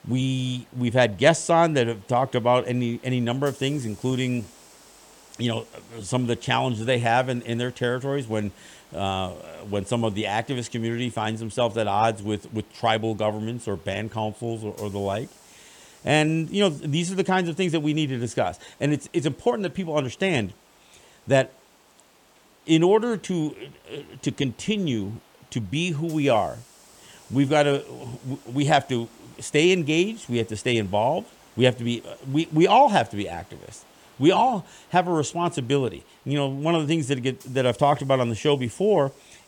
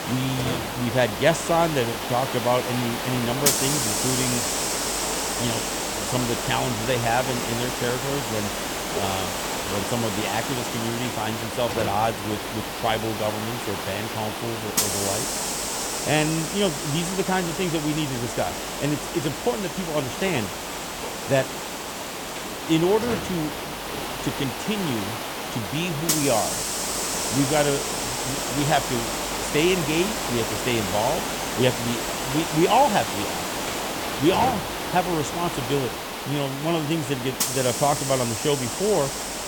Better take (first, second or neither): first